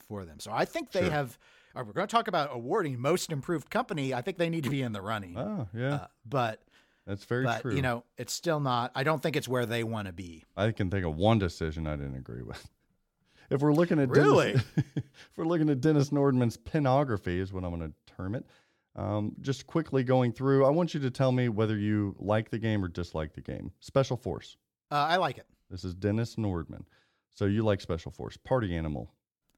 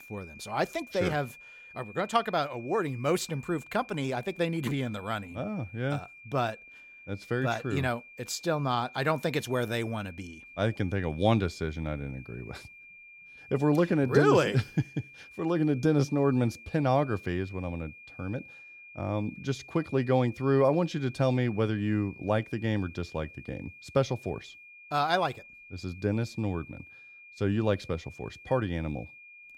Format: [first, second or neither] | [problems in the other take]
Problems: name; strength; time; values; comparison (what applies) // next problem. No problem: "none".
first | high-pitched whine; noticeable; throughout; 2.5 kHz, 20 dB below the speech